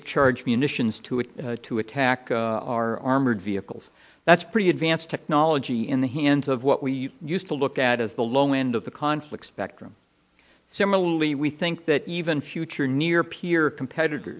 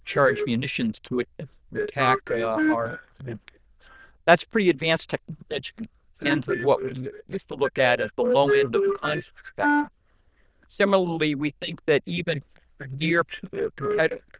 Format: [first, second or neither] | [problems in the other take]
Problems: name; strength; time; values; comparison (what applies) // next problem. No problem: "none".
first | noise reduction (neural diffusion model UNIVERSE++)